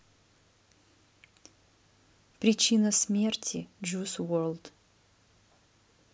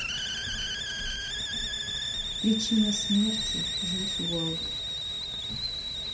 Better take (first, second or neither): first